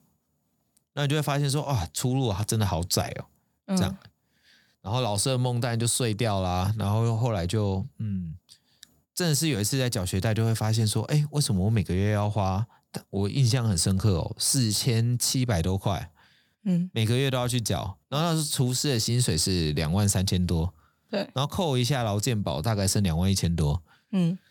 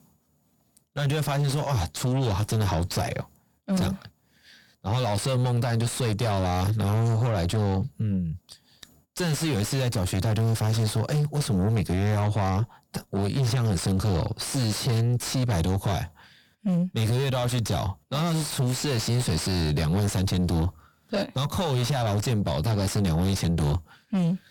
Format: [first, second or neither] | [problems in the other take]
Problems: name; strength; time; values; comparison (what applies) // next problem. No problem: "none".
first | distortion; heavy; 7 dB below the speech